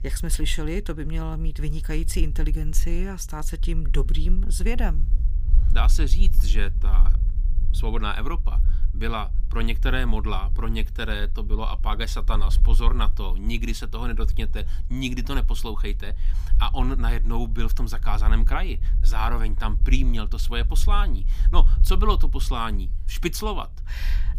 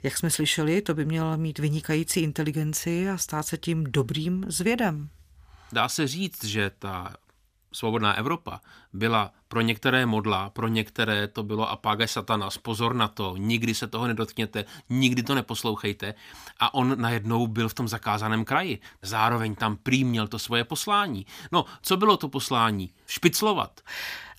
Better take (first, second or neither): second